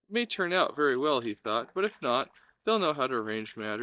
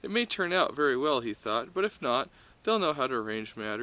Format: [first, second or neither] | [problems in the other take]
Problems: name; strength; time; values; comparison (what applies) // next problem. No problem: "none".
second | noise reduction (neural mask model DeepFilterNet 3)